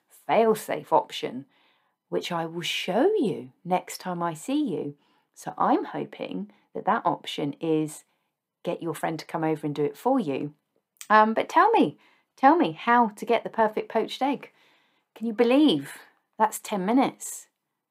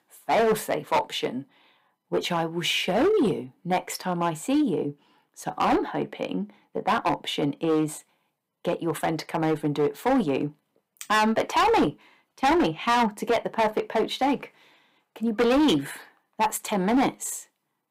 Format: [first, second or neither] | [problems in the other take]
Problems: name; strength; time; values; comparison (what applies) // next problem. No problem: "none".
first | distortion; heavy; 8% of the sound clipped